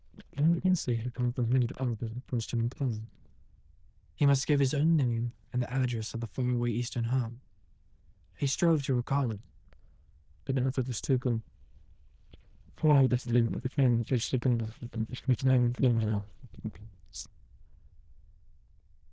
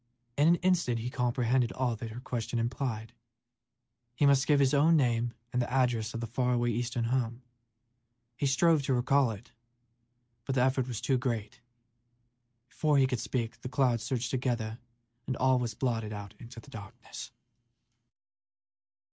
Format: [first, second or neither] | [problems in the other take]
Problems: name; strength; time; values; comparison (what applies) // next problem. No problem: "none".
second | noise reduction (neural diffusion model UNIVERSE++)